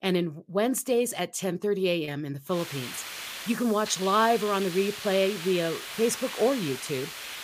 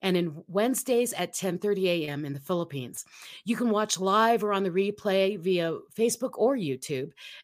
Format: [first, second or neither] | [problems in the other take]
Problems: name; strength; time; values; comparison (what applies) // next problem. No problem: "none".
second | hiss; loud; from 2.5 s on; 9 dB below the speech